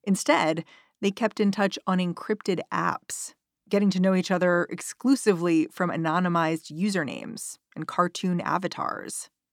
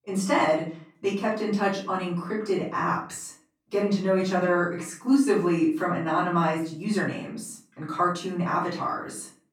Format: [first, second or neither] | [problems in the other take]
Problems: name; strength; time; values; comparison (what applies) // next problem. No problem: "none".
first | off-mic speech; far // room echo; noticeable; dies away in 0.4 s